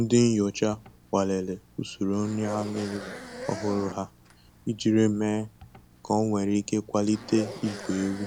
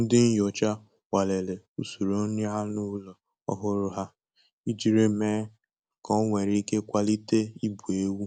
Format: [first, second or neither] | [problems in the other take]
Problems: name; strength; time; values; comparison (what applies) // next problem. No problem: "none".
second | background sound (Zipper (clothing)); 16 dB below the speech